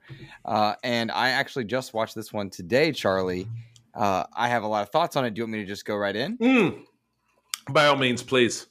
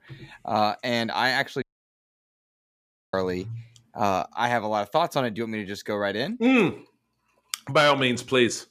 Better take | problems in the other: first | audio cutting out; at 1.5 s for 1.5 s

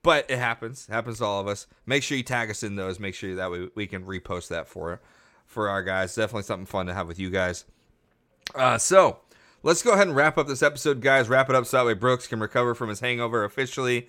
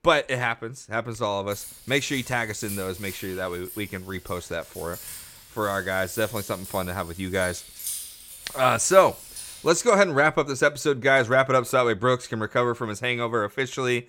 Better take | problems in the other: first | jangling keys; noticeable; from 1.5 to 9.5 s; peak 6 dB below the speech

